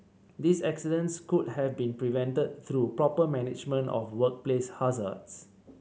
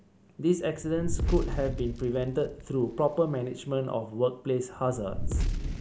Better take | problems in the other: first | background sound (Fire); 4 dB below the speech

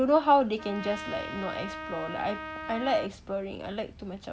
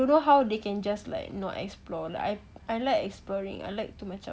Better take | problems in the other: second | background sound (Trumpet); 12 dB below the speech

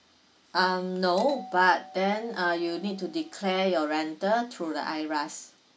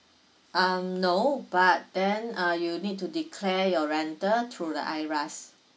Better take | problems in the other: second | background sound (Doorbell + Dishes, pots, and pans); 18 dB below the speech

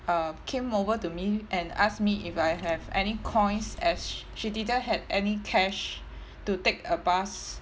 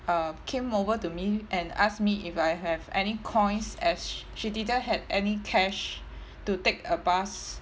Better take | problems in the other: second | background sound (Trickle, dribble / Chirp, tweet); 14 dB below the speech

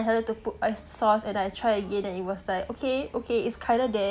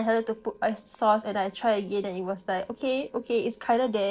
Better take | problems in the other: first | noise reduction (neural separator model SepFormer DNS4)

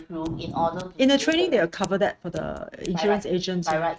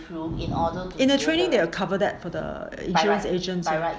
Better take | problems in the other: second | noise reduction (neural mask model RNNoise)

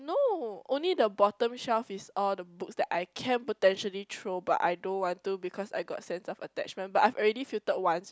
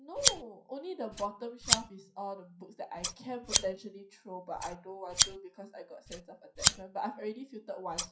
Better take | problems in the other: first | noise reduction (classical method WPE with log-MMSE)

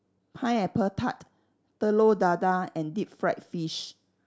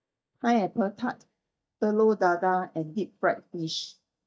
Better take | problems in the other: first | noise reduction (neural mask model DeepFilterNet 3)

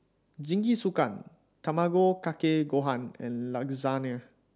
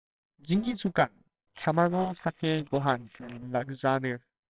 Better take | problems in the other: first | noise reduction (neural separator model SepFormer WHAMR!)

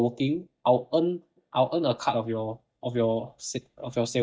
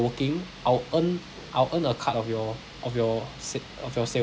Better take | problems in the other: second | noise reduction (neural mask model DeepFilterNet 3)

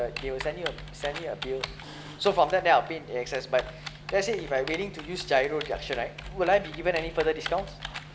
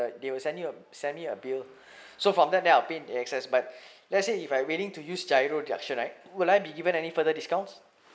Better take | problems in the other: second | background sound (Typing); 11 dB below the speech

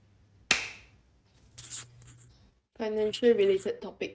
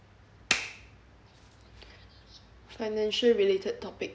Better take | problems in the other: second | noise reduction (neural mask model RNNoise)

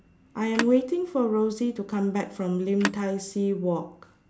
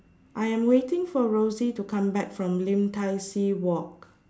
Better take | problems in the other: second | background sound (Telephone); 10 dB below the speech

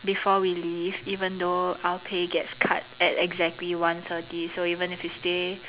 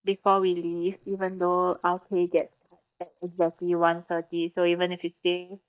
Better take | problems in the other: first | noise reduction (neural mask model DeepFilterNet 3)

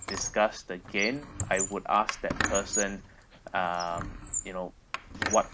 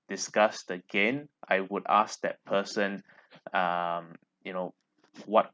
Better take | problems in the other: second | background sound (Squeak); 4 dB below the speech

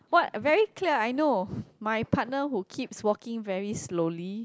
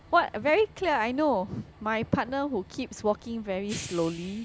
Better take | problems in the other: first | background sound (Train); 19 dB below the speech

